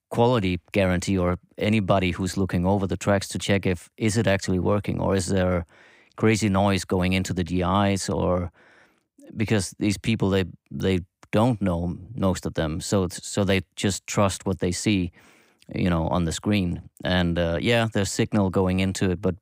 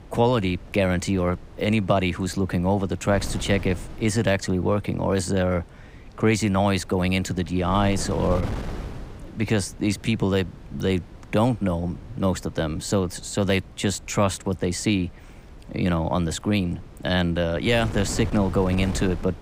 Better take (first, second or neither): first